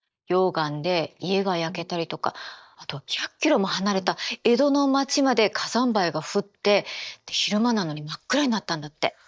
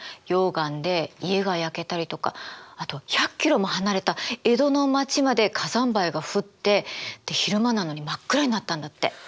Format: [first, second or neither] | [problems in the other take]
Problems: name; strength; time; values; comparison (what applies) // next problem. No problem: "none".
second | noise reduction (neural mask model DeepFilterNet 3)